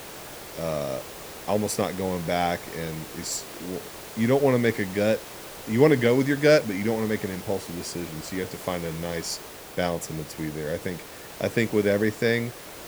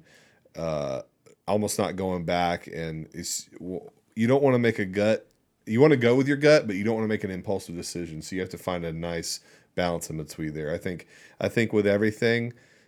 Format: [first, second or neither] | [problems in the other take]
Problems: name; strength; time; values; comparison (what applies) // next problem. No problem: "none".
second | hiss; noticeable; throughout; 15 dB below the speech